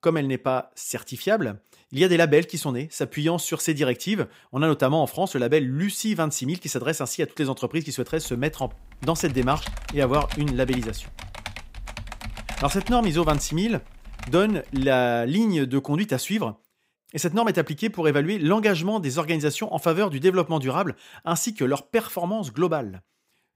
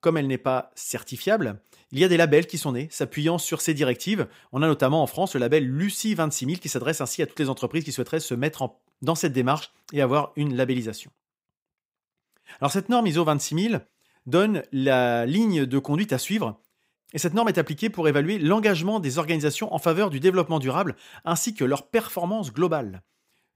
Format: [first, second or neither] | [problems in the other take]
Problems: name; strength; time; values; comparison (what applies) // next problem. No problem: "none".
second | keyboard typing; noticeable; from 8 to 15 s; peak 9 dB below the speech